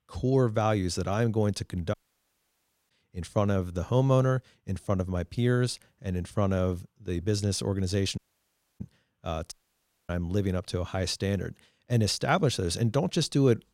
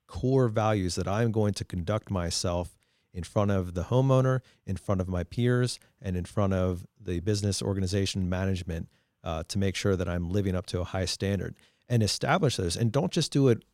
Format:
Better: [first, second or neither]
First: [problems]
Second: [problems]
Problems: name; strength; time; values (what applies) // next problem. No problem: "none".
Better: second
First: audio cutting out; at 2 s for 1 s, at 8 s for 0.5 s and at 9.5 s for 0.5 s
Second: none